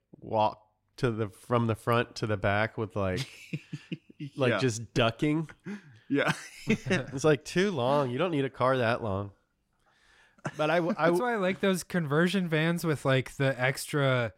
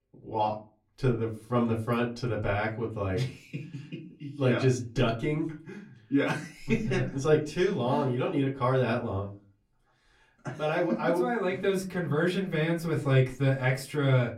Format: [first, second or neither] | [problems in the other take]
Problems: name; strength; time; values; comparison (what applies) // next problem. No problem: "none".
first | off-mic speech; far // room echo; very slight; dies away in 0.3 s